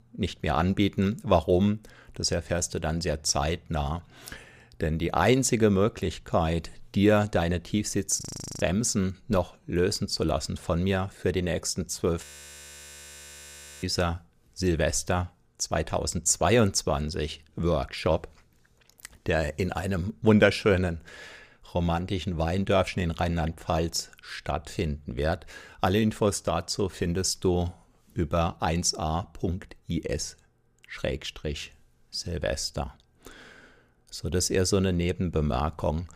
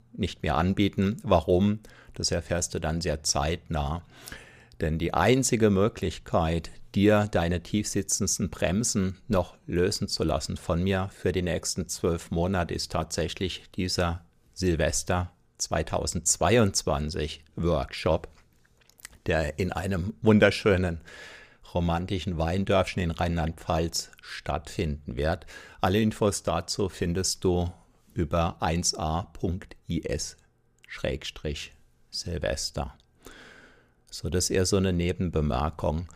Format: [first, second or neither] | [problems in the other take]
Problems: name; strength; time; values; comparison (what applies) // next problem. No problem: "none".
second | audio freezing; at 8 s and at 12 s for 1.5 s